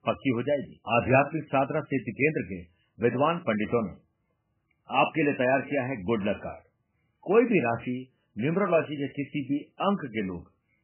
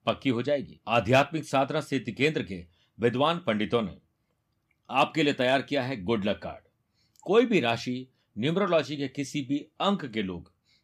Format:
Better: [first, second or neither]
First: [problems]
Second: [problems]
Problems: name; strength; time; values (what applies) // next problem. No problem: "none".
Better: second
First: garbled, watery; badly; nothing above 3 kHz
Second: none